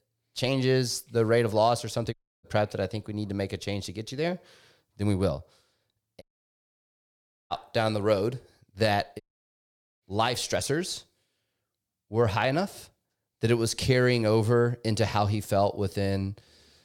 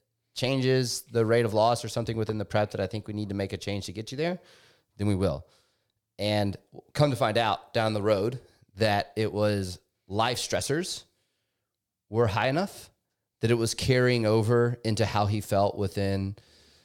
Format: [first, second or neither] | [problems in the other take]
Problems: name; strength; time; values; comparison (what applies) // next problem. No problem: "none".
second | audio cutting out; at 2 s, at 6 s for 1.5 s and at 9 s for 1 s